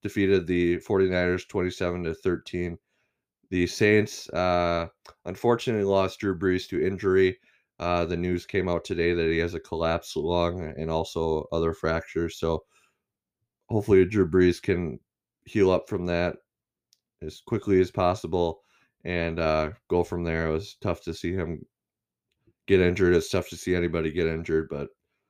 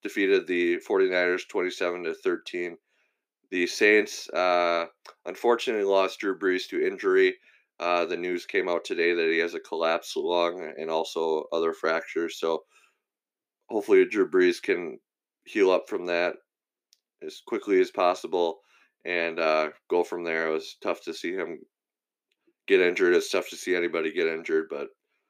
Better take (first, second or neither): first